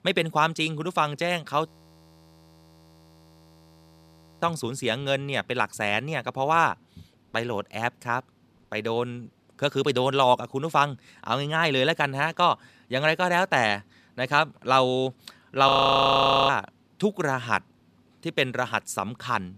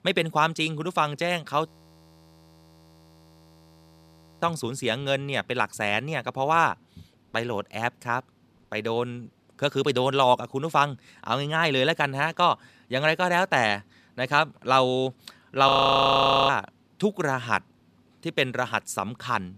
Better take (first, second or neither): neither